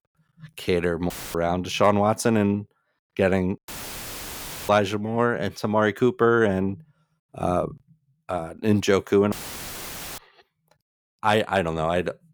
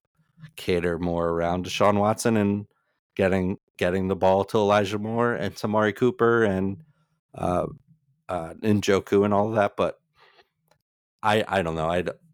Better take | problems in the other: second | audio cutting out; filled with static; at 1 s, at 3.5 s for 1 s and at 9.5 s for 1 s

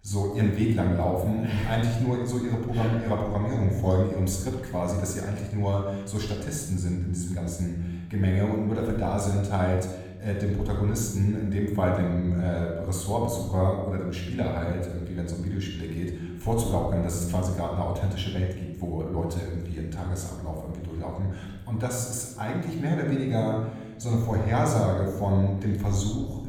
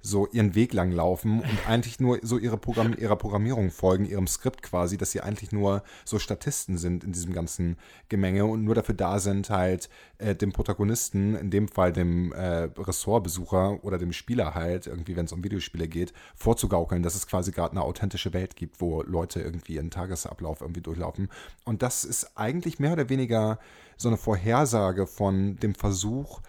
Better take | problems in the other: second | off-mic speech; somewhat distant // room echo; noticeable; dies away in 1.1 s

